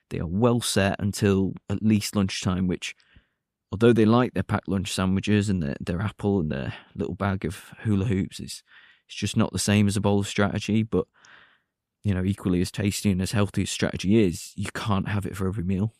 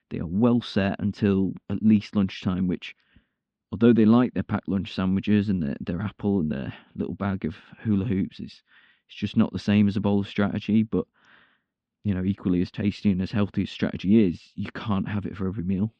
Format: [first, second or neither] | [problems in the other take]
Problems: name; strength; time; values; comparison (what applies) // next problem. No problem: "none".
first | muffled; slightly; fading above 4 kHz